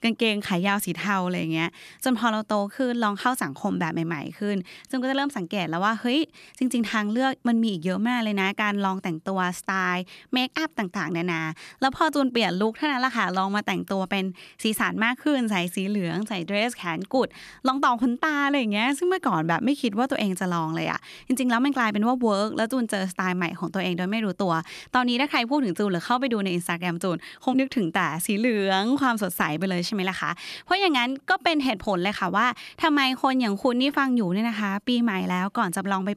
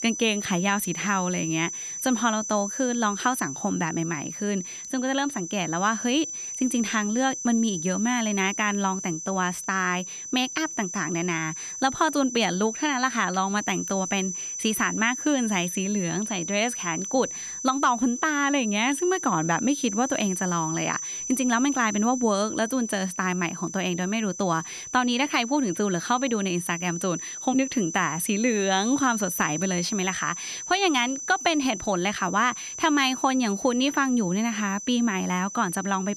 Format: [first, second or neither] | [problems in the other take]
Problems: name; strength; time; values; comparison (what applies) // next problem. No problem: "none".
first | high-pitched whine; loud; throughout; 6 kHz, 7 dB below the speech